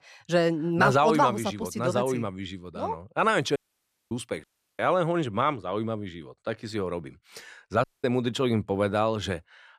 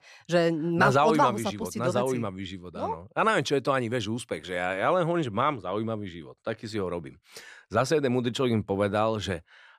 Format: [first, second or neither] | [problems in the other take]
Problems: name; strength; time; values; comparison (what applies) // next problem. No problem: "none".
second | audio cutting out; at 3.5 s for 0.5 s, at 4.5 s and at 8 s